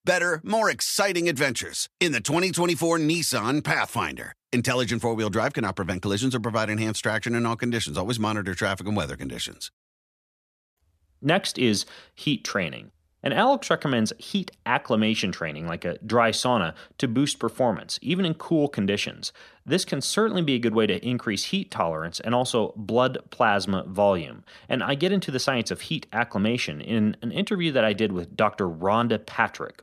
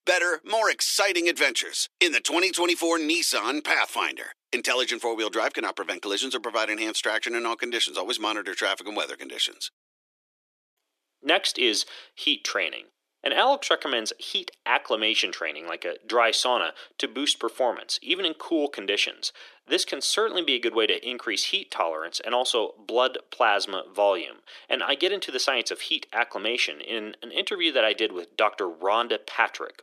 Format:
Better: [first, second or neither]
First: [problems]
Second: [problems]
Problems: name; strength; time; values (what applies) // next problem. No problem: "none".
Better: first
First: none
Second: thin; very; fading below 300 Hz